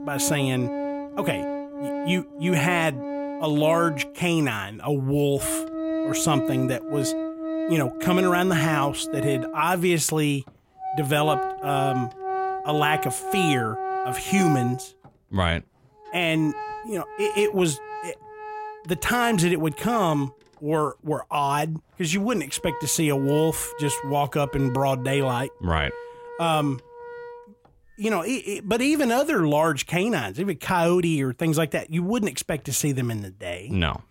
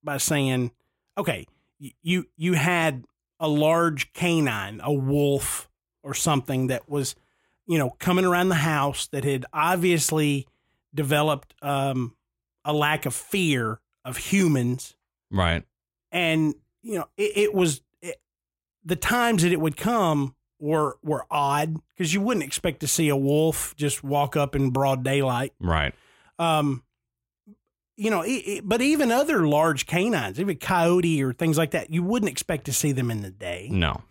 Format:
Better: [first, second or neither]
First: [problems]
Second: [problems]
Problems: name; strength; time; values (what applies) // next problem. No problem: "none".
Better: second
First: background music; loud; throughout; 7 dB below the speech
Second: none